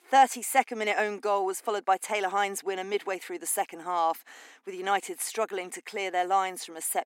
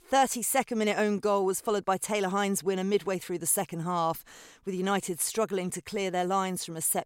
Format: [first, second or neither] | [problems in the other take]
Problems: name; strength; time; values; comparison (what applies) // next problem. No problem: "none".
second | thin; somewhat; fading below 250 Hz